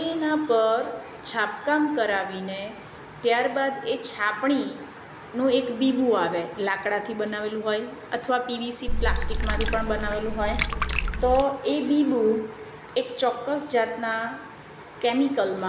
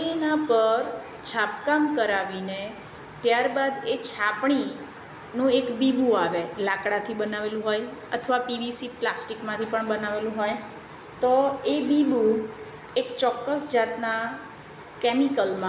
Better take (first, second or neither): second